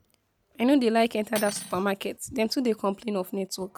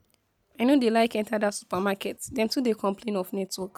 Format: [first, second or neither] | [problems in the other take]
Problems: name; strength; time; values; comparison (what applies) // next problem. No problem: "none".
second | background sound (Cutlery, silverware); 15 dB below the speech